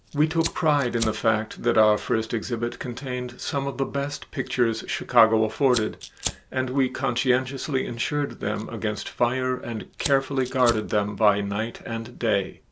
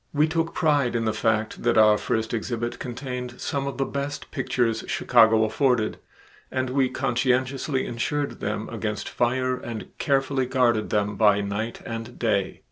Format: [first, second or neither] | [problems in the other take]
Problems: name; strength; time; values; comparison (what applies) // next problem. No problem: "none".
second | background sound (Fire); 17 dB below the speech